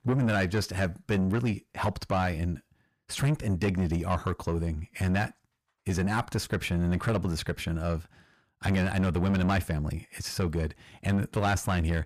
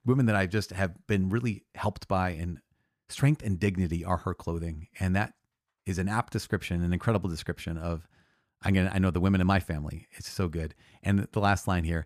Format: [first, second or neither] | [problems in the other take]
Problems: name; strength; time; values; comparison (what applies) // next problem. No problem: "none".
second | distortion; heavy; 7 dB below the speech